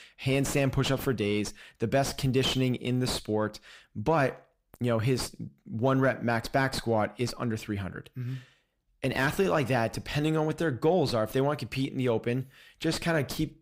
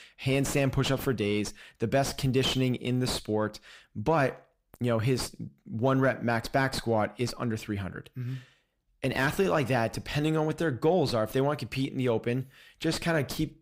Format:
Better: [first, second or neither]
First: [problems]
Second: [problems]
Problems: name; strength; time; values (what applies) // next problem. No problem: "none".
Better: neither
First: distortion; slight; 7 dB below the speech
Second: distortion; slight; 7 dB below the speech